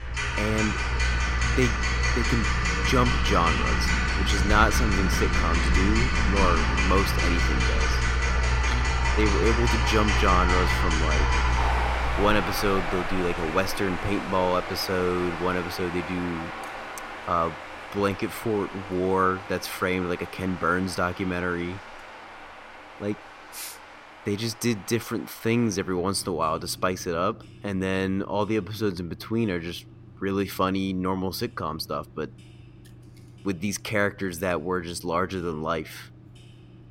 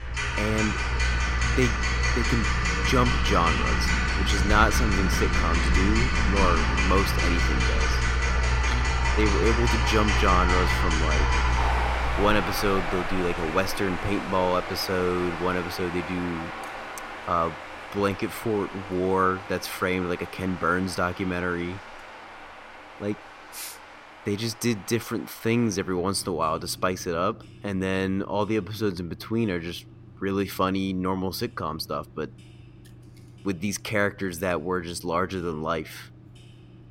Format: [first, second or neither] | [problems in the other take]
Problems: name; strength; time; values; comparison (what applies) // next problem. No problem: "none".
neither | household noises; very loud; throughout; 1 dB above the speech; the same in both